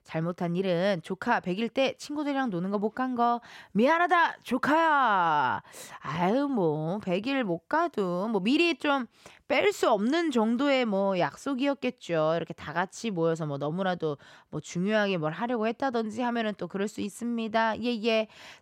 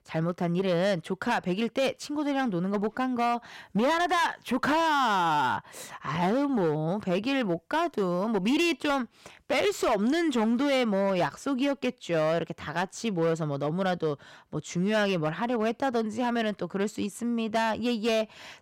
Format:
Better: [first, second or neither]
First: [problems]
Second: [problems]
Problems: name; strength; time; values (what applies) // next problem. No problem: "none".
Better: first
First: none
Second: distortion; slight; 10% of the sound clipped